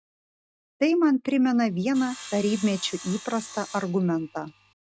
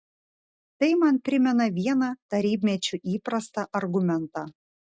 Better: second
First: background sound (Sawing); 17 dB below the speech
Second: none

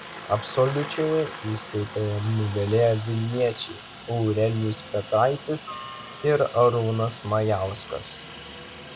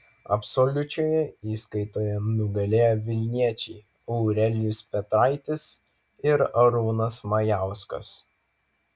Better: second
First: background sound (Aircraft); 14 dB below the speech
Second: none

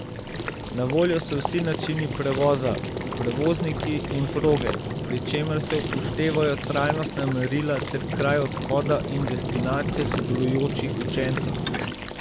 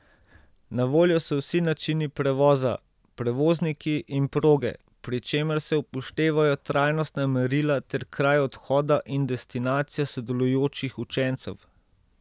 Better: second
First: background sound (Fire + Water / Liquid); 3 dB below the speech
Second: none

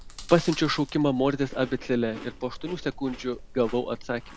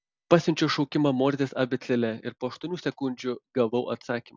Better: second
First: background sound (Chewing, mastication); 14 dB below the speech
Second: none

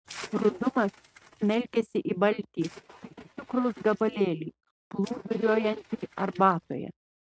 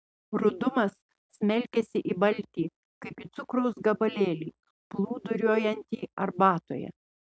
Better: second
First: noise reduction (neural mask model RNNoise)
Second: none

